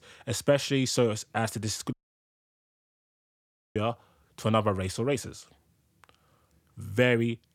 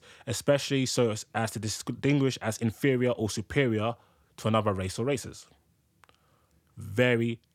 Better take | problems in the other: second | audio cutting out; at 2 s for 2 s

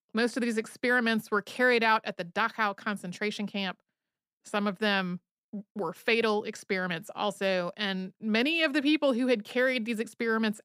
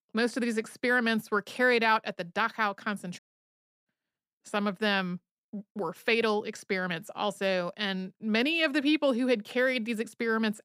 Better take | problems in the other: first | audio cutting out; at 3 s for 0.5 s

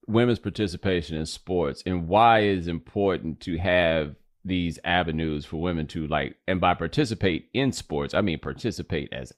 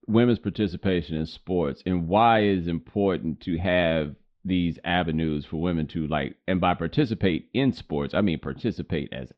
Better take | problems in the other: first | muffled; very slightly; fading above 4 kHz

